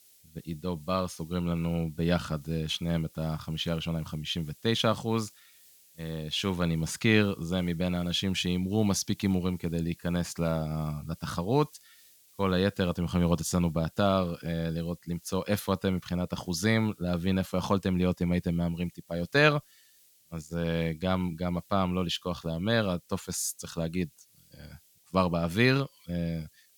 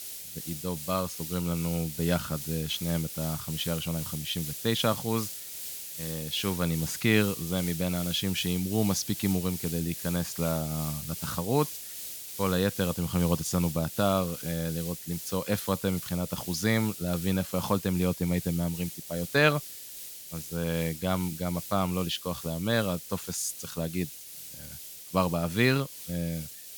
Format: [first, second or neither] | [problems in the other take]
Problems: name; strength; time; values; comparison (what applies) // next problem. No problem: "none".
first | hiss; loud; throughout; 8 dB below the speech; faint in the first